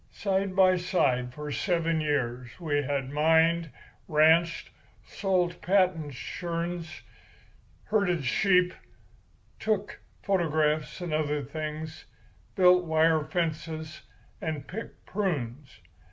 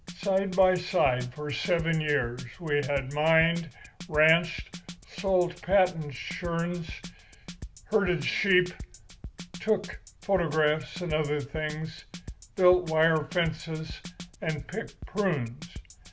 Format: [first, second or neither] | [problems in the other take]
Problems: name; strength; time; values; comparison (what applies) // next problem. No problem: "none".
first | background sound (Drum kit); 15 dB below the speech